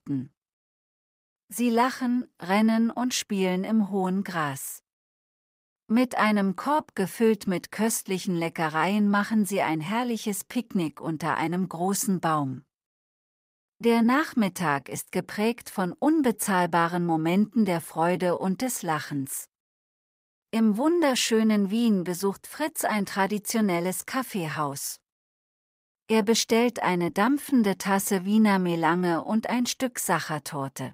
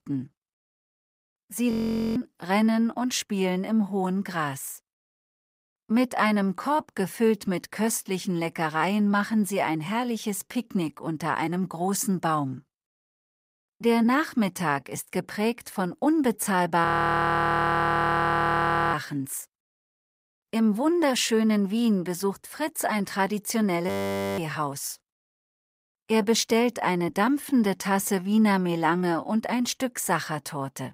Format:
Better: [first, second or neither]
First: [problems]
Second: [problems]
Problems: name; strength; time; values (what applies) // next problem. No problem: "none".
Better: first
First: none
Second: audio freezing; at 1.5 s, at 17 s for 2 s and at 24 s